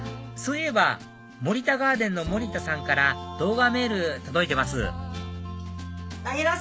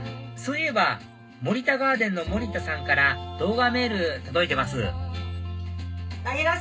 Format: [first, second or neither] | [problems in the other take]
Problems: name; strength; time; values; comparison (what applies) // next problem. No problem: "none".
first | room echo; dies away in 0.2 s